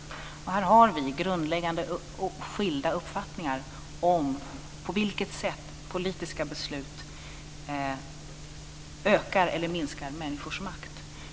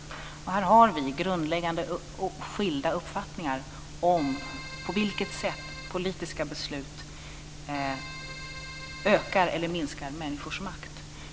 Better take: first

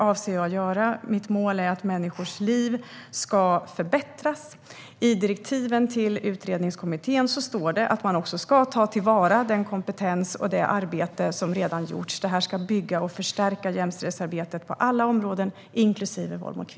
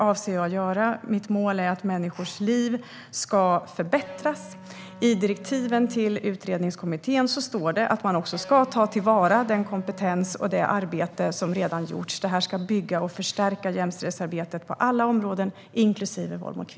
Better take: first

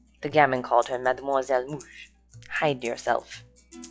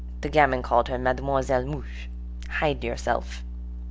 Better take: second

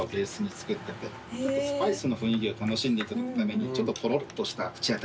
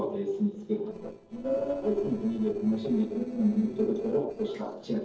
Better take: first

